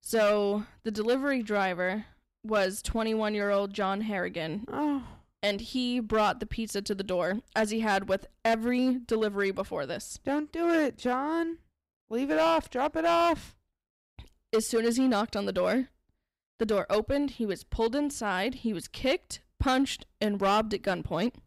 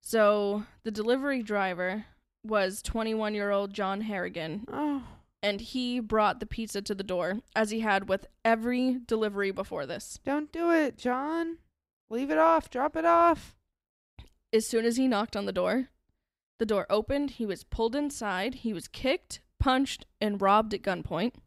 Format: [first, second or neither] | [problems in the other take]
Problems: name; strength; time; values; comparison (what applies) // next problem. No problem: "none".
second | distortion; slight; 4% of the sound clipped